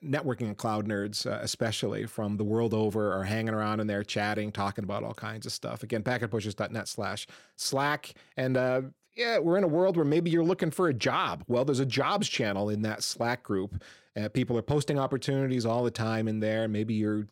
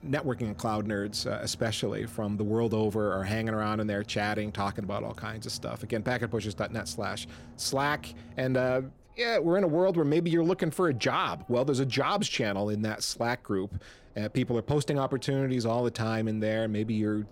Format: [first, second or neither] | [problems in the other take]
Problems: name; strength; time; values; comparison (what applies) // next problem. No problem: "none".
first | train or aircraft noise; faint; throughout; 20 dB below the speech